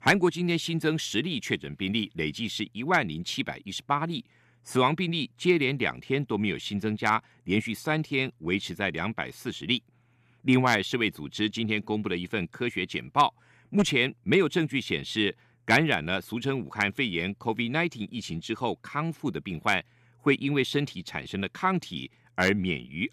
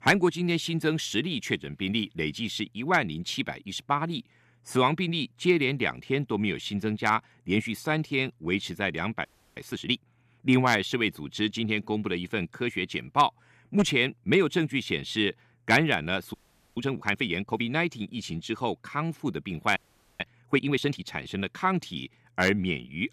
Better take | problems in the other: first | audio freezing; at 9.5 s, at 16 s and at 20 s

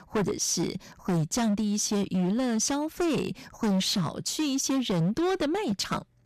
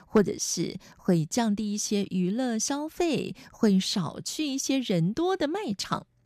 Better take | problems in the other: second | distortion; heavy; 18% of the sound clipped

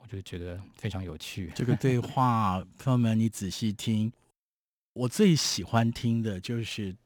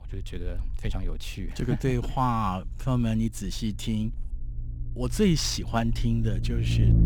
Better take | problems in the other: first | low rumble; noticeable; throughout; 15 dB below the speech

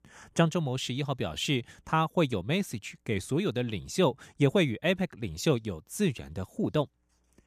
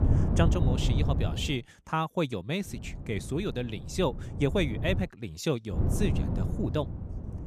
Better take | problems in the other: first | wind noise on the microphone; heavy; until 1.5 s, from 2.5 to 5 s and from 6 s on; 8 dB below the speech

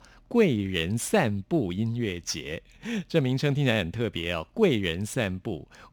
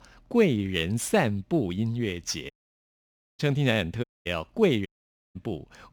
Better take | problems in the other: first | audio cutting out; at 2.5 s for 1 s, at 4 s and at 5 s

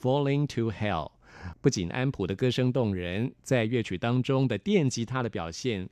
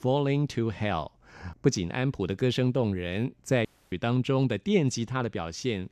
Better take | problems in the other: first | audio cutting out; at 3.5 s

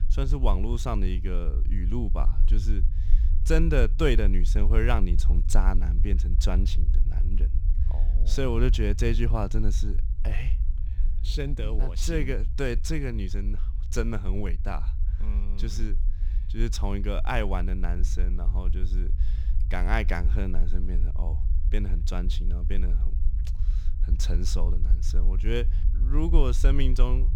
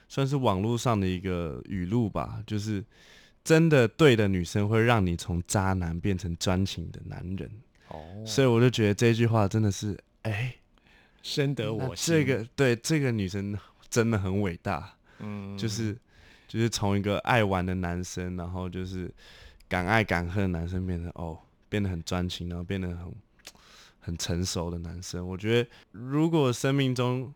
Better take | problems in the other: second | low rumble; noticeable; throughout; 15 dB below the speech

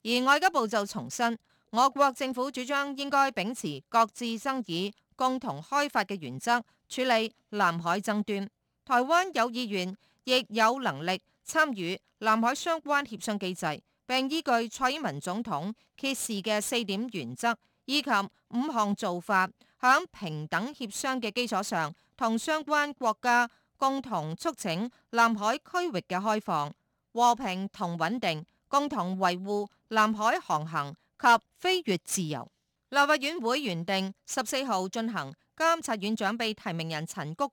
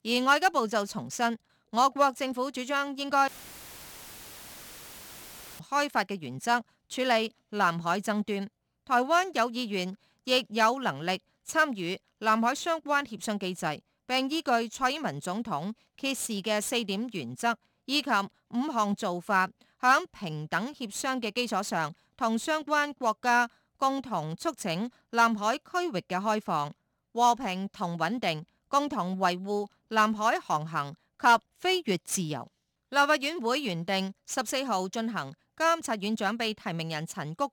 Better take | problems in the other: first | audio cutting out; filled with static; at 3.5 s for 2.5 s

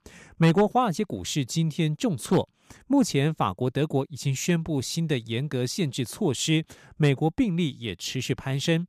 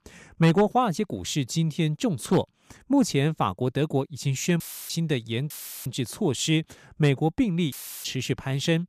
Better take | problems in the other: first | audio cutting out; filled with static; at 4.5 s, at 5.5 s and at 7.5 s

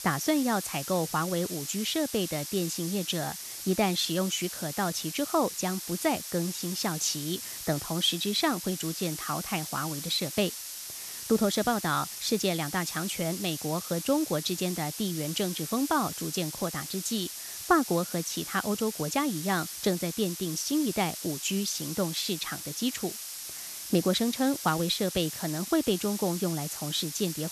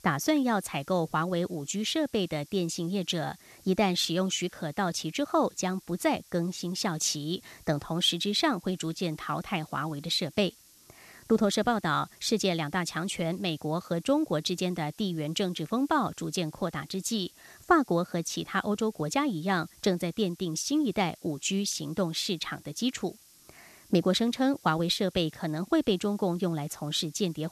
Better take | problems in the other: second | hiss; loud; throughout; 6 dB below the speech; faint in the second

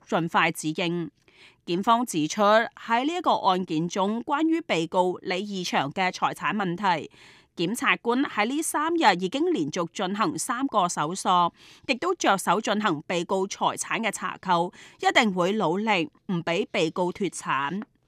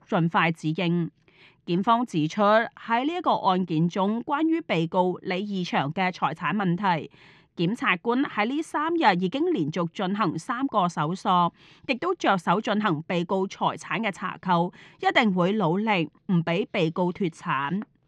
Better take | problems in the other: first | muffled; slightly; fading above 3.5 kHz

